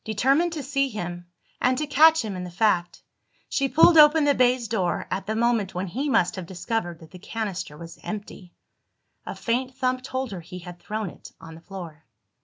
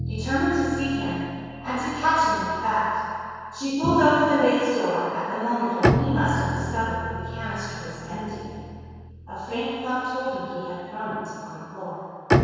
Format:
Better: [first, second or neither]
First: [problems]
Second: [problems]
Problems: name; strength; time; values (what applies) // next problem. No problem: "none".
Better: first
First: none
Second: background sound (Bowed string instrument); 5 dB below the speech // room echo; dies away in 2.2 s